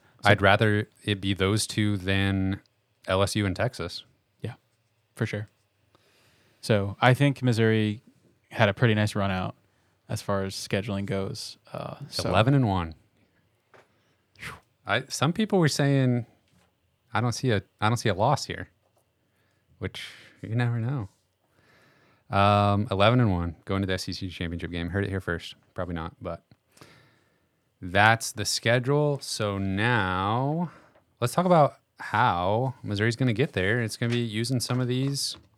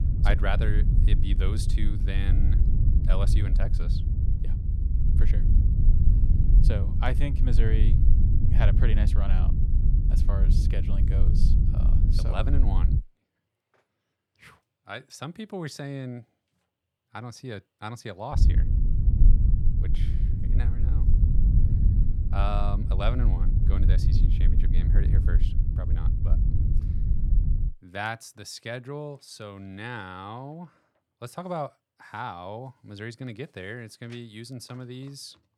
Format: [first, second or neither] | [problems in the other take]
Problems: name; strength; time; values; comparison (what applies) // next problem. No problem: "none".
first | low rumble; loud; until 13 s and from 18 to 28 s; 5 dB below the speech